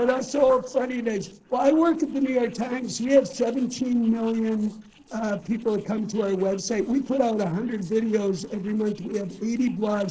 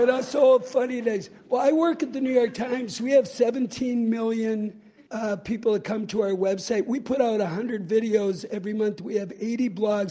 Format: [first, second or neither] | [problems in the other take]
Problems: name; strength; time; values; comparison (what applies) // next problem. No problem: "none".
second | noise reduction (neural separator model SepFormer DNS4)